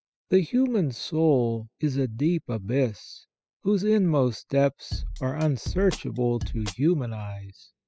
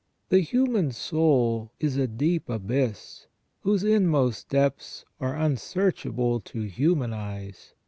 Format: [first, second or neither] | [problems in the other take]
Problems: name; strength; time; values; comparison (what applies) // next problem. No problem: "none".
second | noise reduction (classical method spectral subtraction)